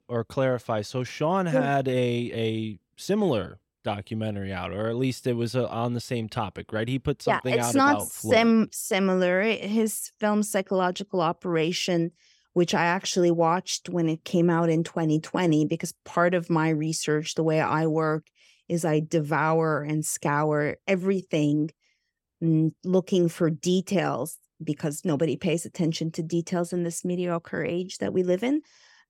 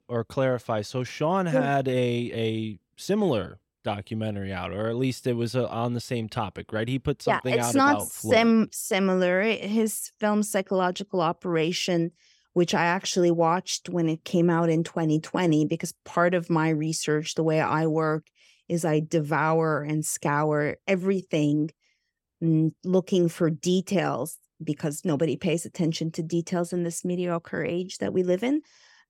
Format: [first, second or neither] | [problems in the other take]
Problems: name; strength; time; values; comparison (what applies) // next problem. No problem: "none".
neither | none